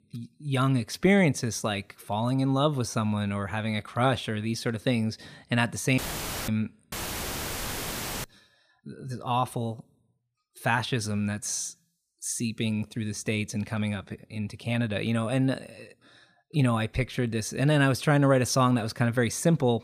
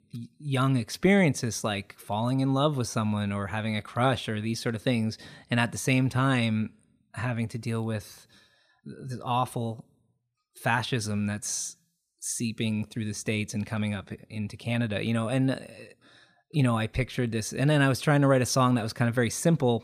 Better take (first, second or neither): second